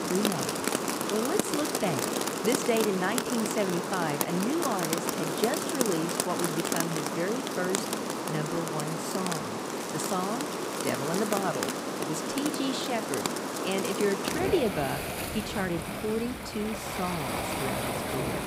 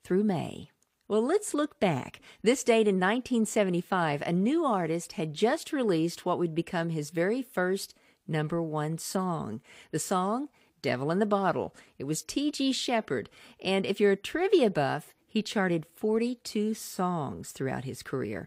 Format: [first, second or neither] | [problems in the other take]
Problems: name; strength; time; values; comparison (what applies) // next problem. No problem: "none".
second | rain or running water; very loud; throughout; 1 dB above the speech